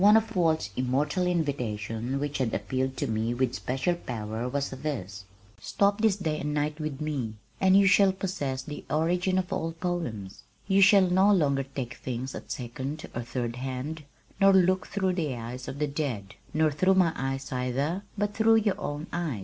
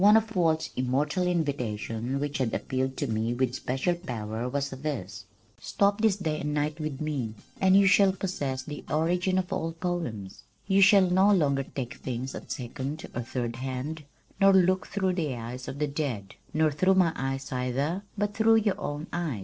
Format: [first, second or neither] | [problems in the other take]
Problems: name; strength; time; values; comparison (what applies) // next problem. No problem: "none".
first | noise reduction (neural separator model SepFormer DNS4)